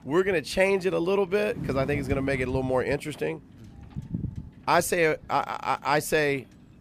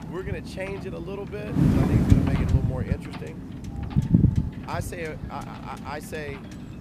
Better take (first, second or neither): first